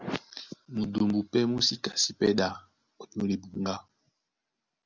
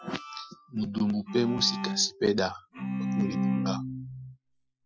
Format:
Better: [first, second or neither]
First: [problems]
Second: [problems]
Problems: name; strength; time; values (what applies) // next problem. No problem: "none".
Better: first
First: none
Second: noise reduction (classical method Wiener filter)